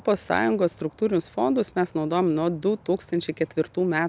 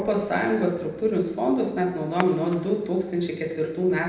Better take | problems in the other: first | background sound (Fireworks); 19 dB below the speech // room echo; dies away in 0.9 s

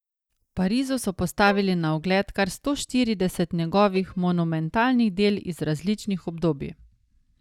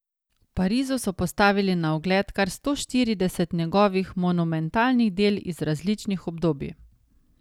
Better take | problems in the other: second | noise reduction (neural mask model DeepFilterNet 3)

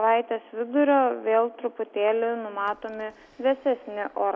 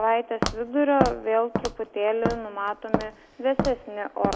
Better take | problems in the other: first | background sound (Walk, footsteps); 5 dB below the speech

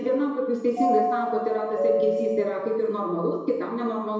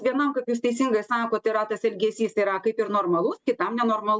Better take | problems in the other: second | background sound (Doorbell); as loud as the speech // room echo; dies away in 1 s

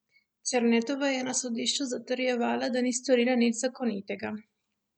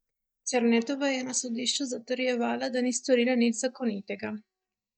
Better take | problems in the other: first | noise reduction (neural mask model DeepFilterNet 3)

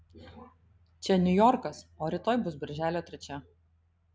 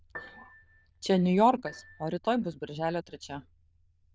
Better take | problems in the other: first | noise reduction (neural diffusion model UNIVERSE++)

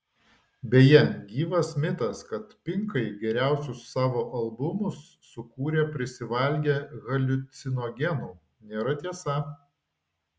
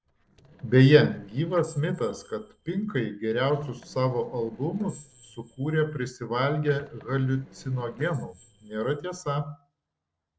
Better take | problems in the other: first | noise reduction (neural separator model SepFormer DNS4)

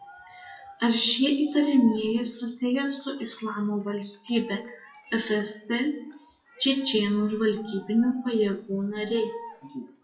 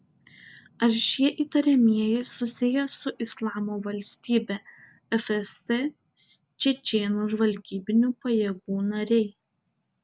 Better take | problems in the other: second | noise reduction (classical method WPE with log-MMSE)

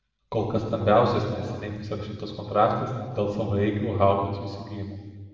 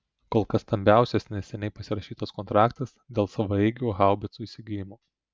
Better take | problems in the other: second | room echo; dies away in 1.6 s

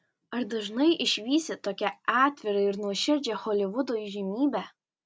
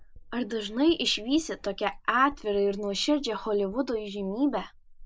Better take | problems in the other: first | noise reduction (neural mask model Resemble Enhance denoiser)

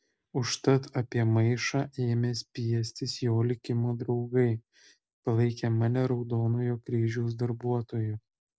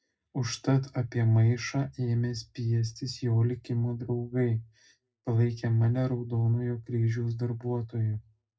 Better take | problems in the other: first | room echo; dies away in 0.3 s

